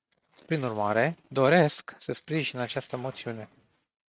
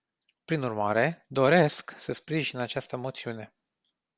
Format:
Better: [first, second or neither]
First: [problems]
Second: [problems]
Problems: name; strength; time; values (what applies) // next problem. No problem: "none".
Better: second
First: noise reduction (neural mask model RNNoise)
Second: none